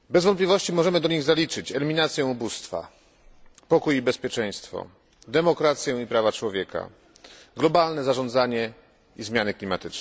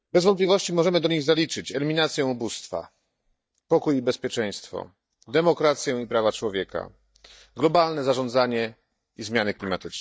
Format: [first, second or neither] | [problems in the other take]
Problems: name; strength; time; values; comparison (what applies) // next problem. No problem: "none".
first | noise reduction (neural mask model DeepFilterNet 3)